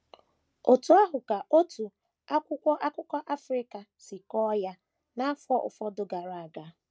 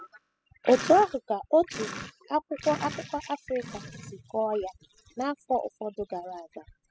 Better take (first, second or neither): first